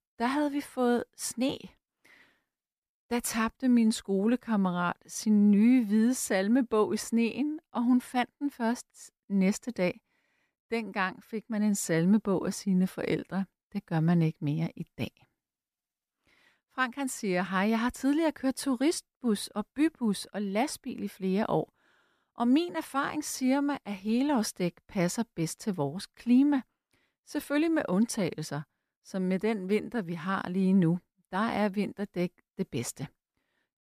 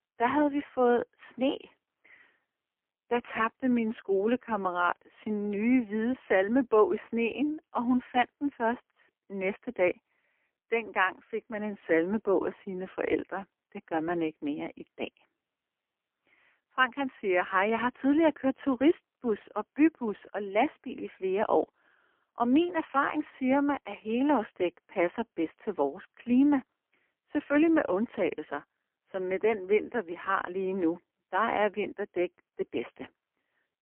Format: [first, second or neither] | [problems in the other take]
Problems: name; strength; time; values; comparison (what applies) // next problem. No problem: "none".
first | phone-call audio; poor line; nothing above 3 kHz